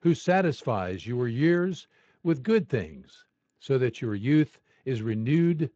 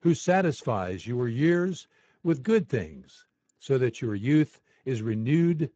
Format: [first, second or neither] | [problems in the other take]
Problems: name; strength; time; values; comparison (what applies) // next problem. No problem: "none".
first | garbled, watery; badly; nothing above 7.5 kHz; slightly in the first